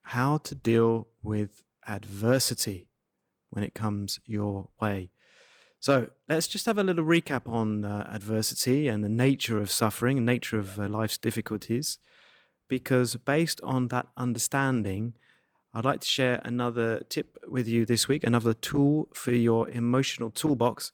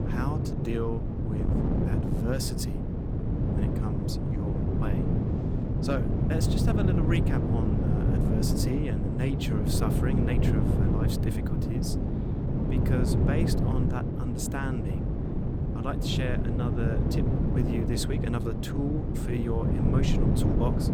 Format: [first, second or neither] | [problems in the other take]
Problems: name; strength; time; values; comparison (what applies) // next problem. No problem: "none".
first | wind noise on the microphone; heavy; 1 dB above the speech